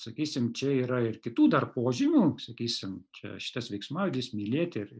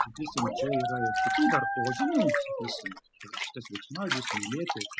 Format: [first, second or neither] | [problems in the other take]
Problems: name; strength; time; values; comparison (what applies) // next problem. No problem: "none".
first | noise reduction (classical method spectral subtraction)